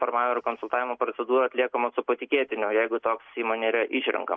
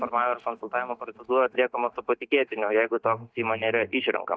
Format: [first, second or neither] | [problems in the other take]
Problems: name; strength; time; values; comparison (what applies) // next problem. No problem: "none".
first | noise reduction (neural mask model DeepFilterNet 3)